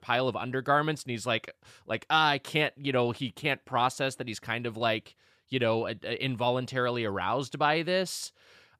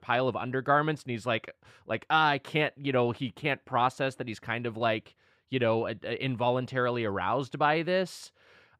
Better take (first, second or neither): first